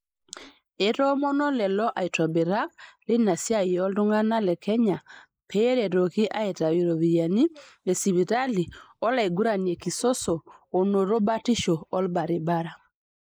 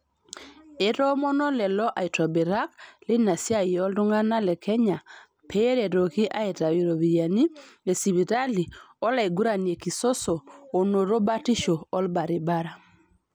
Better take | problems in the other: second | noise reduction (neural mask model Resemble Enhance denoiser)

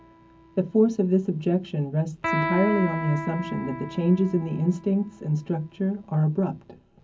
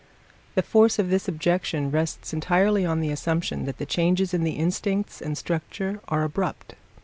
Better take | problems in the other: second | background sound (Electric guitar); 10 dB below the speech // room echo; dies away in 0.3 s

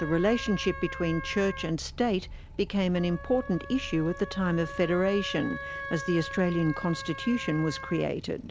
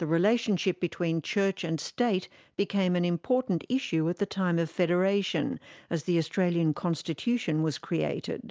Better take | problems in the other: second | background sound (Motorcycle + Wind instrument, woodwind instrument); 11 dB below the speech

